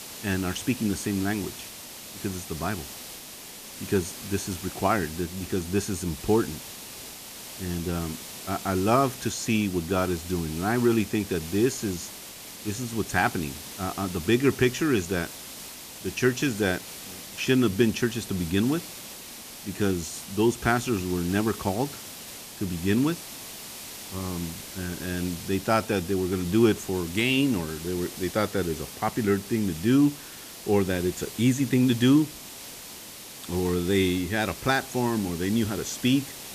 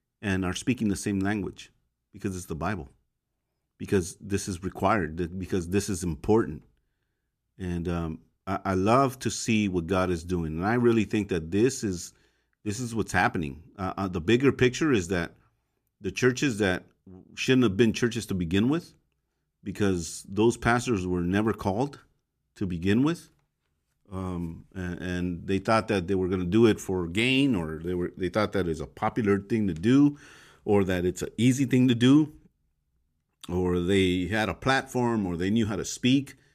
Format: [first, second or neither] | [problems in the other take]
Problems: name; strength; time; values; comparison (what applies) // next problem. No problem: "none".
second | hiss; noticeable; throughout; 10 dB below the speech